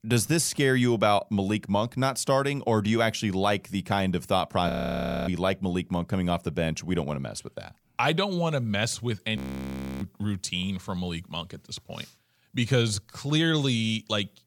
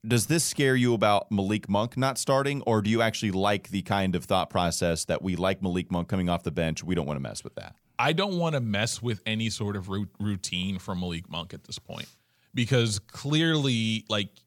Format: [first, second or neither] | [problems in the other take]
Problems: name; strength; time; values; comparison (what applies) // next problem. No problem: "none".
second | audio freezing; at 4.5 s for 0.5 s and at 9.5 s for 0.5 s